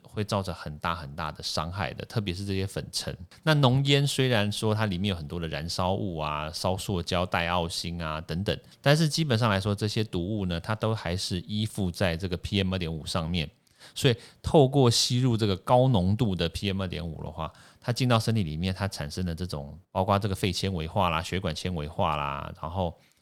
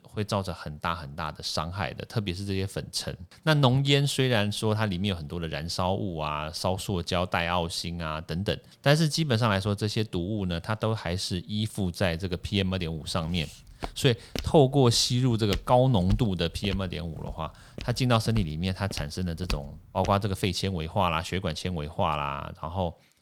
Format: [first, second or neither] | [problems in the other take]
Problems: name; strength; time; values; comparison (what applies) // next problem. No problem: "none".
first | footsteps; noticeable; from 13 to 20 s; peak 8 dB below the speech